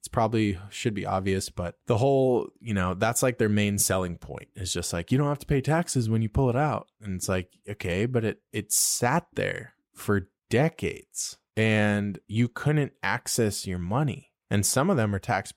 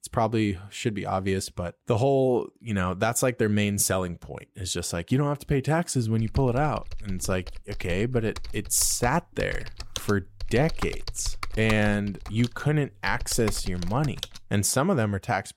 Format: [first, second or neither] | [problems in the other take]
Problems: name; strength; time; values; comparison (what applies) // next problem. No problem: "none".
first | keyboard typing; noticeable; from 6 to 14 s; peak 9 dB below the speech